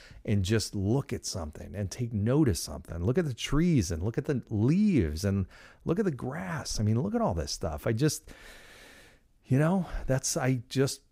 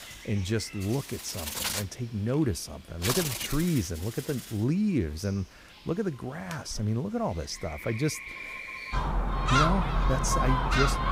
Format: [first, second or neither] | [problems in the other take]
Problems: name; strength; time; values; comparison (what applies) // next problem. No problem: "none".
first | animal sounds; very loud; throughout; as loud as the speech